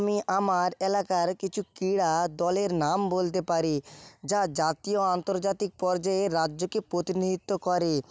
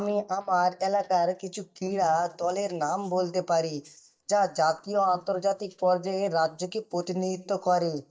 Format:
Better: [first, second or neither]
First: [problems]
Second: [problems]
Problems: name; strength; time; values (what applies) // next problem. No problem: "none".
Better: first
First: none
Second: noise reduction (neural mask model DeepFilterNet 3)